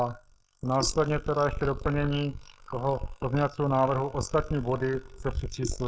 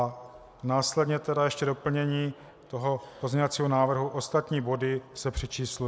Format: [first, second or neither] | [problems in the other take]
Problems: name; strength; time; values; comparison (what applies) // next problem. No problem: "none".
second | noise reduction (neural mask model Resemble Enhance denoiser)